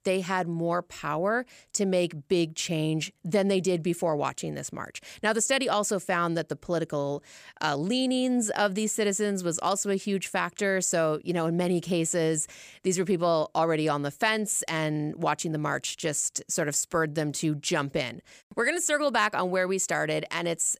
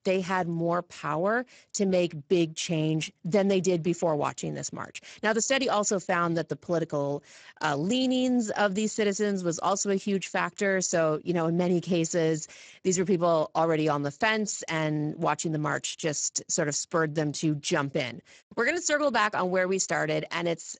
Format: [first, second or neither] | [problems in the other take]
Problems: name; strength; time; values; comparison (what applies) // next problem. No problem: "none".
first | garbled, watery; badly; nothing above 7.5 kHz